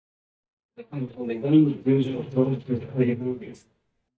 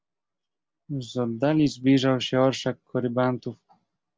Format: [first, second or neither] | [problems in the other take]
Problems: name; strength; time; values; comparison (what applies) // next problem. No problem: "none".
second | noise reduction (neural mask model DeepFilterNet 3)